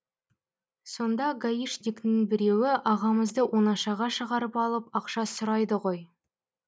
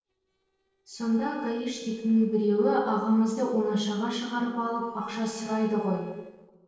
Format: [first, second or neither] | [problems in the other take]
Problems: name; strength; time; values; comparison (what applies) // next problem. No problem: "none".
first | noise reduction (neural separator model SepFormer DNS4)